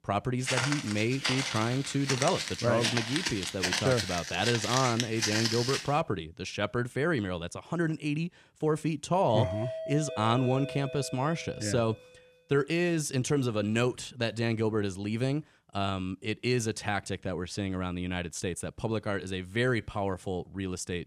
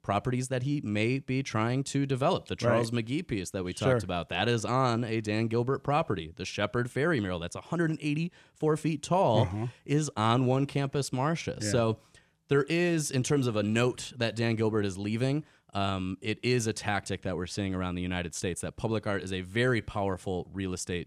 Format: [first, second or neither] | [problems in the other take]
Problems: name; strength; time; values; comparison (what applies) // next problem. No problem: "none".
second | footsteps; loud; until 6 s; peak 2 dB above the speech // doorbell; noticeable; from 9.5 to 12 s; peak 5 dB below the speech